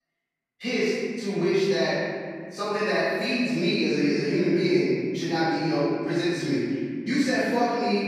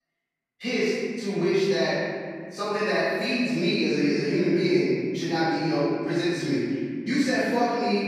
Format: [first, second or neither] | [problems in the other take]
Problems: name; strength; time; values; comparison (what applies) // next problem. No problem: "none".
neither | off-mic speech; far; the same in both // room echo; strong; dies away in 2.5 s; the same in both